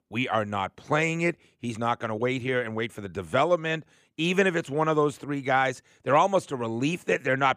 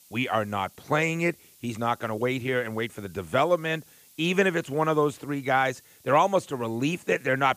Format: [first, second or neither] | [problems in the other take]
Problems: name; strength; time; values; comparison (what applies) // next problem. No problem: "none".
first | hiss; faint; throughout; 25 dB below the speech